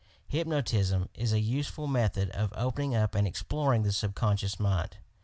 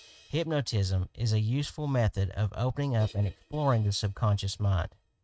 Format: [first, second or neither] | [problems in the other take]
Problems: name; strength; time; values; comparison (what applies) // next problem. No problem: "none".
first | noise reduction (neural mask model RNNoise)